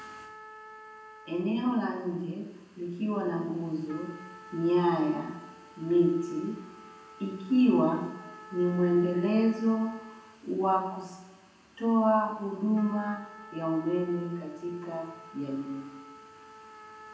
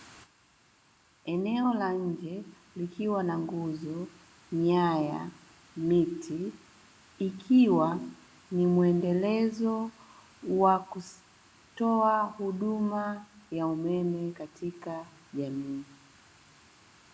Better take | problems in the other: second | background sound (Trumpet); 20 dB below the speech // room echo; dies away in 0.9 s

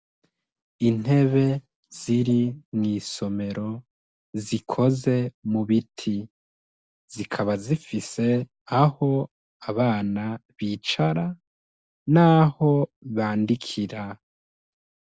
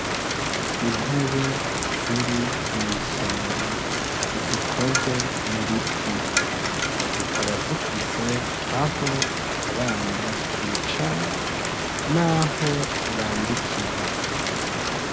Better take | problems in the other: first | background sound (Rain); 4 dB above the speech

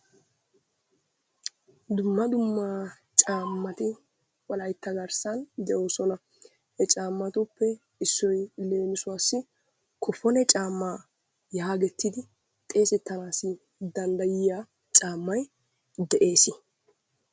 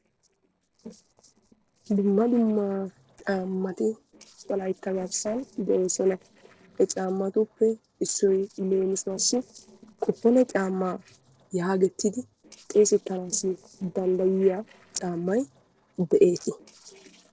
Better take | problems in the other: first | noise reduction (neural separator model SepFormer DNS4)

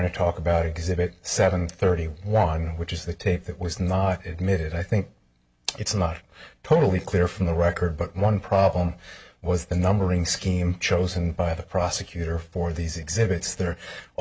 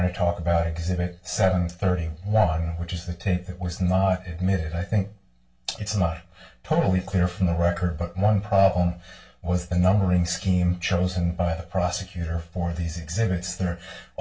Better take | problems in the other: first | room echo; dies away in 0.2 s

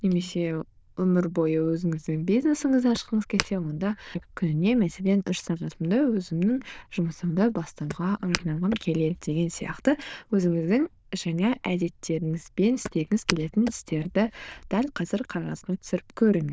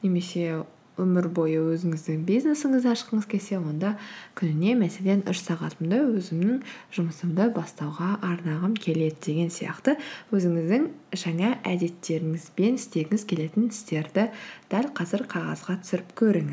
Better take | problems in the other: second | noise reduction (neural diffusion model UNIVERSE++)

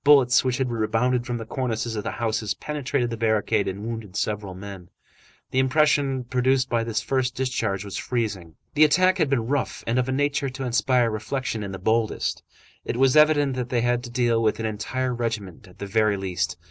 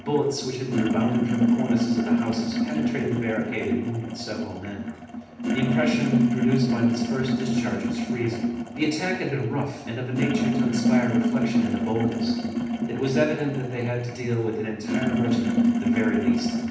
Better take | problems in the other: first | background sound (Sink (filling or washing)); 4 dB above the speech // room echo; dies away in 0.8 s

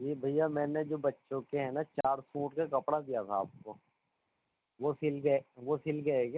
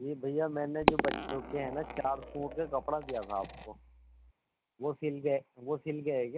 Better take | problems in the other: first | background sound (Coin (dropping)); 1 dB below the speech

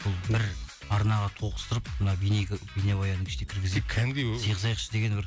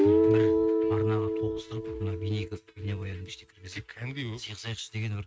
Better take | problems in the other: first | noise reduction (neural mask model RNNoise)

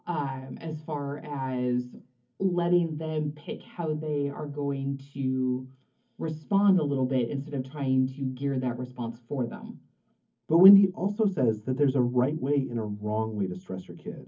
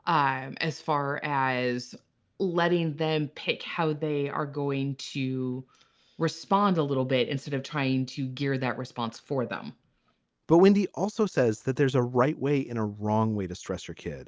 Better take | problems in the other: second | room echo; dies away in 0.3 s

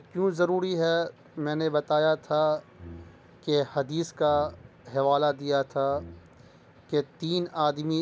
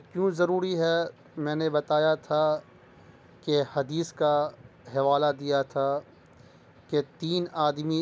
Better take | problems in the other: second | background sound (Brass instrument); 20 dB below the speech

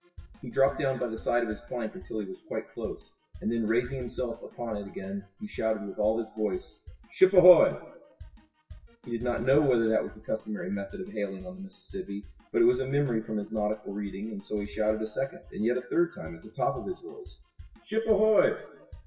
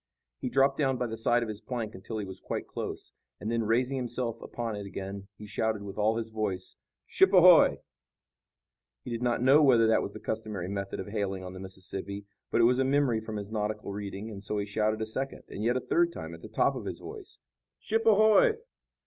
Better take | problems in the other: second | noise reduction (classical method WPE with log-MMSE)

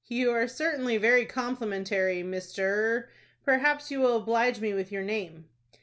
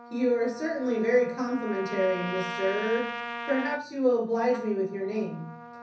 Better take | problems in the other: first | background sound (Trumpet); 10 dB below the speech // room echo; dies away in 0.6 s

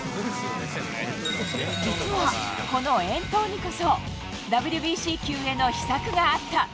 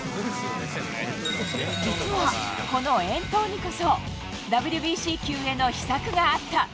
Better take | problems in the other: second | background sound (Mallet percussion); 18 dB below the speech

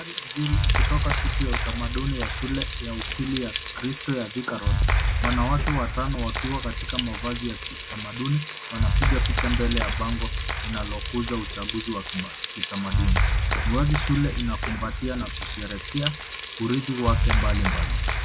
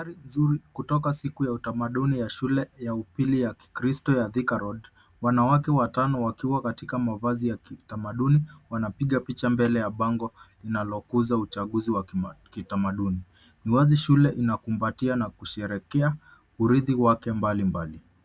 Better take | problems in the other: second | background sound (Frying (food) + Clapping); 4 dB above the speech

